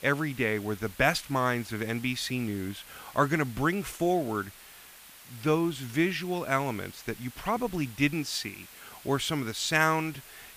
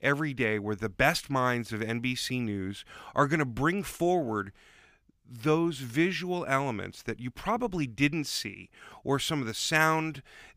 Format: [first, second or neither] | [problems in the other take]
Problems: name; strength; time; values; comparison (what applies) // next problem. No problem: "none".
second | hiss; noticeable; throughout; 20 dB below the speech